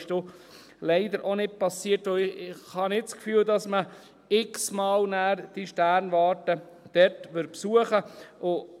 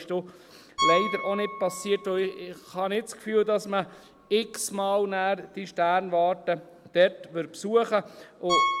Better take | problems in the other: first | background sound (Piano); 7 dB below the speech

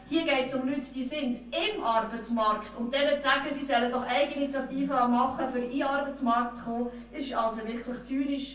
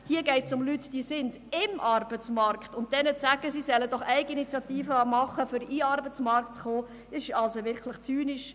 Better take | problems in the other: second | room echo; dies away in 0.3 s

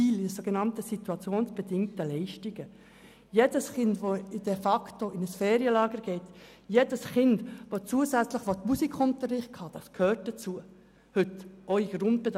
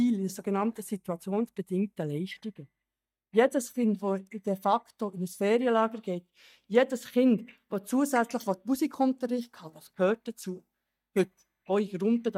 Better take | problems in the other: first | noise reduction (neural mask model DeepFilterNet 3)

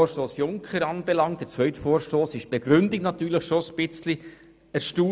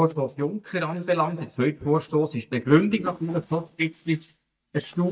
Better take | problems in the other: first | noise reduction (neural mask model DeepFilterNet 3)

